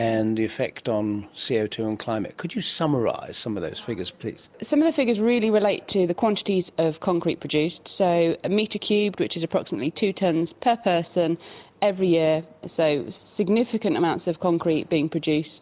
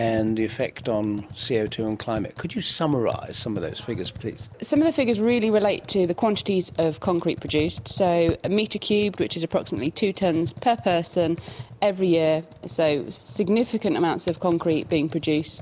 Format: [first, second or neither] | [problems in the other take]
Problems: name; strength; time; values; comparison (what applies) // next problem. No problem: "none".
first | background sound (Computer keyboard); 16 dB below the speech